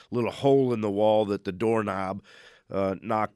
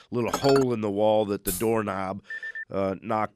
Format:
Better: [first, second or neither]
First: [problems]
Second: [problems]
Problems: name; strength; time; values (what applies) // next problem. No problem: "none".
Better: first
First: none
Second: clattering dishes; noticeable; at 0.5 s; peak 4 dB below the speech // jangling keys; noticeable; at 1.5 s; peak 6 dB below the speech // phone ringing; noticeable; at 2.5 s; peak 8 dB below the speech